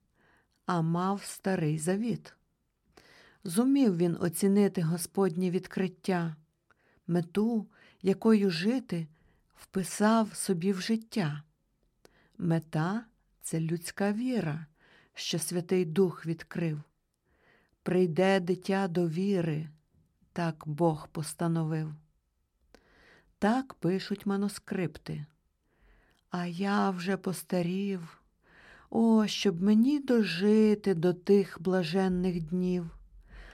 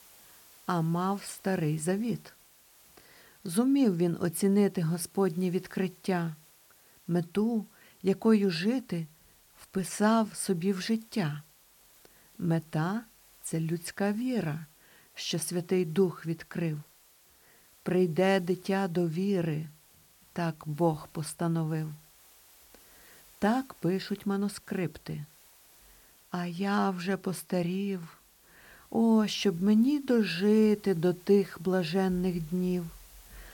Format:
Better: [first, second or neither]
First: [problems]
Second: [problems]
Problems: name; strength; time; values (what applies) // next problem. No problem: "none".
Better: first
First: none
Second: hiss; faint; throughout; 25 dB below the speech